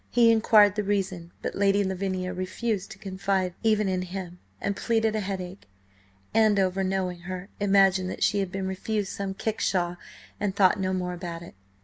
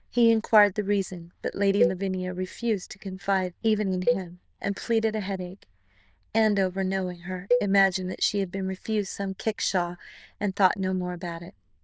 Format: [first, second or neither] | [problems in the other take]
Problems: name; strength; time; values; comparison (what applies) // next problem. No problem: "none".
first | noise reduction (neural diffusion model UNIVERSE++)